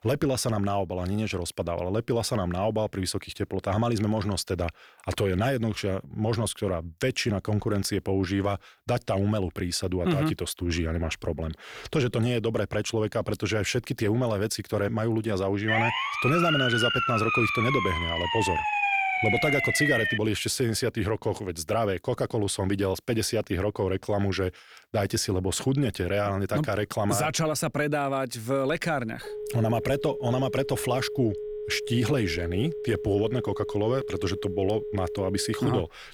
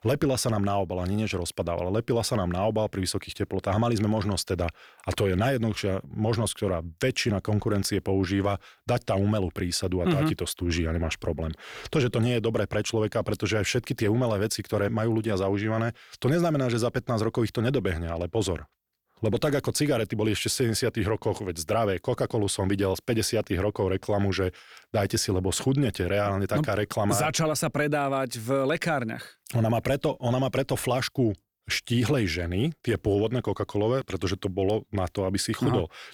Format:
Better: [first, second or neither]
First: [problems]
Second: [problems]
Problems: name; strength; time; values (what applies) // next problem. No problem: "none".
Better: second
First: siren; loud; from 16 to 20 s; peak 4 dB above the speech // phone ringing; noticeable; from 29 s on; peak 7 dB below the speech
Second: none